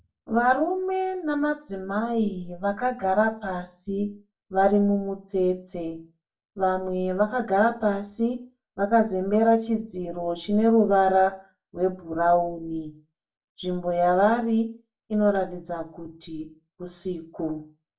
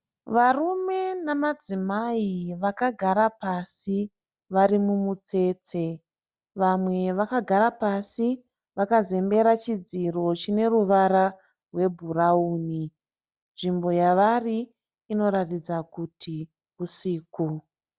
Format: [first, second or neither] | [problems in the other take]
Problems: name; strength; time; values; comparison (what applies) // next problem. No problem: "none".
second | room echo; dies away in 0.2 s